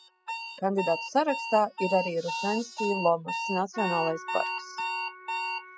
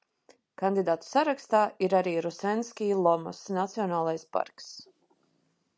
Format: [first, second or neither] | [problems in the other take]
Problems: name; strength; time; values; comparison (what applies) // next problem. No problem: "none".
second | noise reduction (classical method spectral subtraction)